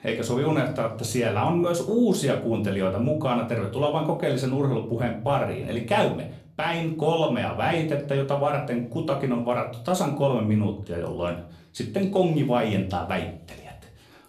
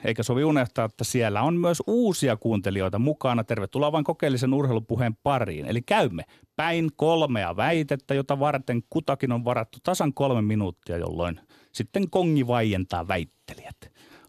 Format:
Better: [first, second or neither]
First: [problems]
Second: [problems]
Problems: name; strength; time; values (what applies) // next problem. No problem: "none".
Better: second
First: room echo; slight; dies away in 0.4 s // off-mic speech; somewhat distant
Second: none